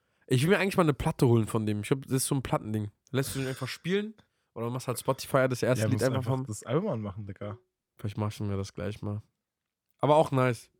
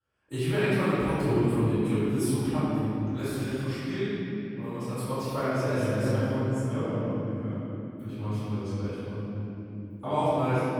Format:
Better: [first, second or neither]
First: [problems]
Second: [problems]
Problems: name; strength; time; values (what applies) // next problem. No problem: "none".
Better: first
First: none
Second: off-mic speech; far // room echo; strong; dies away in 3 s